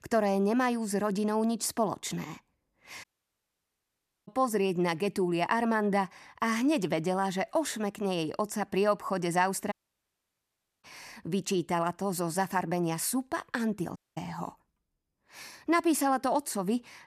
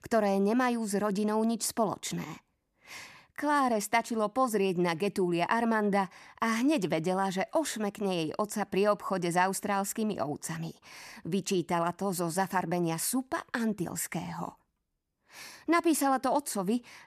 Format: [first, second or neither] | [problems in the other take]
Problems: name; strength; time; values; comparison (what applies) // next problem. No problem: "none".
second | audio cutting out; at 3 s for 1 s, at 9.5 s for 1 s and at 14 s